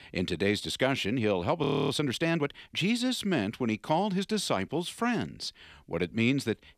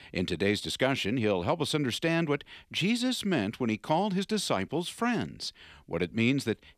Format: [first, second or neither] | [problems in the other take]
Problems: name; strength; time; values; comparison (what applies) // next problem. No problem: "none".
second | audio freezing; at 1.5 s